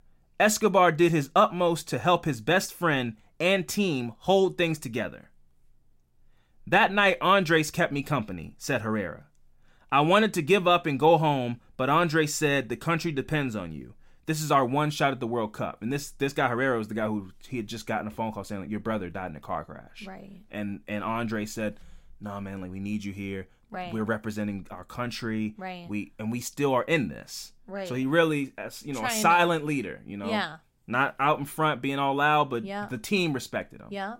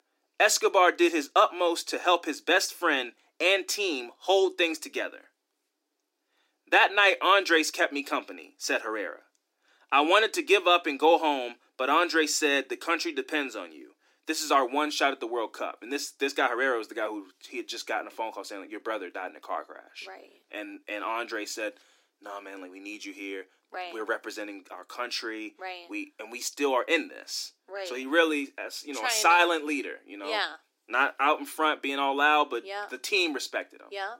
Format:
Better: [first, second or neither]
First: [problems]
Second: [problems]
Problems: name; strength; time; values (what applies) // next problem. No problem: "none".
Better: first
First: none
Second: thin; somewhat; fading below 300 Hz